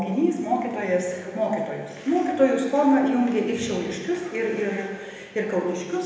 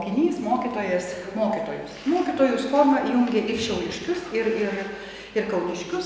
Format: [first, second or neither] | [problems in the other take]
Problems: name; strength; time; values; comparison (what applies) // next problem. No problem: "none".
second | room echo; dies away in 0.8 s